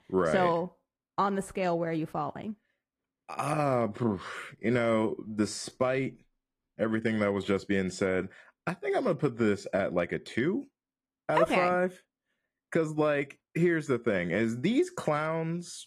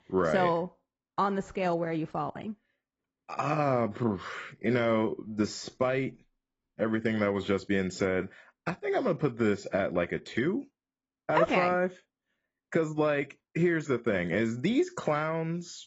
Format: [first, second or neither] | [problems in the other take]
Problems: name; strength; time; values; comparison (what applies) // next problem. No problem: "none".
first | garbled, watery; badly; nothing above 7.5 kHz; slightly in the first